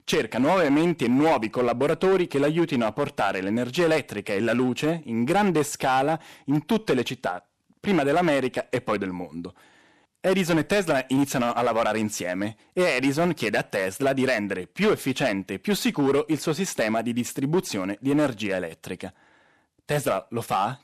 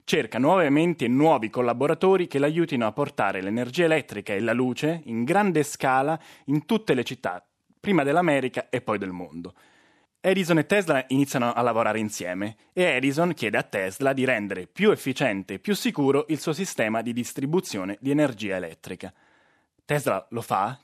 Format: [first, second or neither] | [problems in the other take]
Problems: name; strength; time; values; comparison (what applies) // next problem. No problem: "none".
second | distortion; slight; 7% of the sound clipped